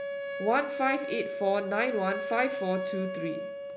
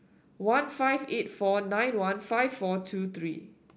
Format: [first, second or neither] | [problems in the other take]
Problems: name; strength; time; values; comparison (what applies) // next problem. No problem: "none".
second | background sound (Wind instrument, woodwind instrument); 4 dB below the speech